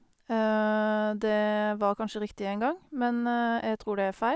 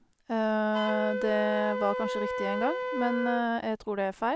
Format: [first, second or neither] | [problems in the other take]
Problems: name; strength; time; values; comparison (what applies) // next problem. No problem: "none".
first | background sound (Wind instrument, woodwind instrument); 5 dB below the speech